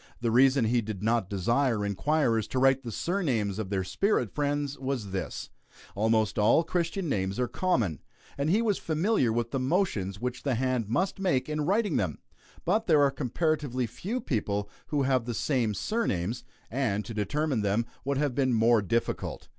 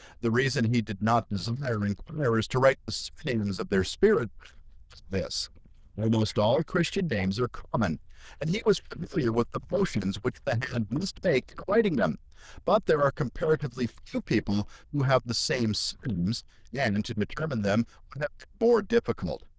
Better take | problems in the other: first | noise reduction (neural diffusion model UNIVERSE++)

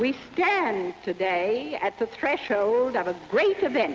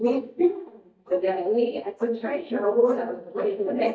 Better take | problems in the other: first | noise reduction (neural mask model DeepFilterNet 3)

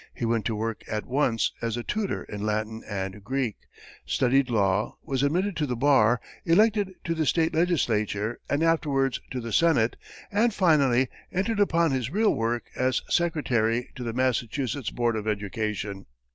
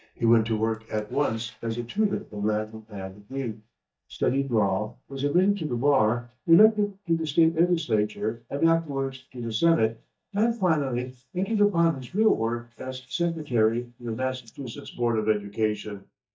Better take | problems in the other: first | noise reduction (neural mask model DeepFilterNet 3)

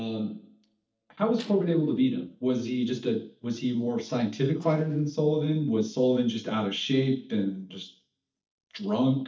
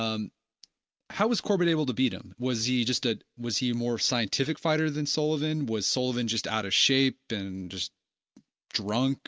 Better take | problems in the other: second | noise reduction (neural mask model DeepFilterNet 3)

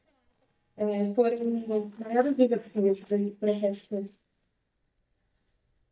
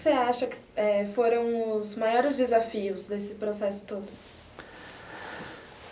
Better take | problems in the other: second | noise reduction (neural mask model DeepFilterNet 3)

